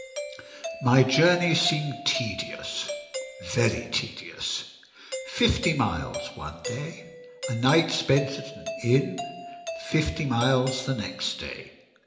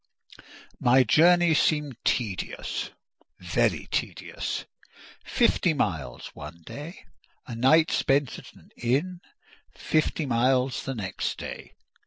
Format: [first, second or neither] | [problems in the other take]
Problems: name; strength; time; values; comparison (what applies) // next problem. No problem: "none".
second | background sound (Doorbell); 11 dB below the speech // room echo; dies away in 0.8 s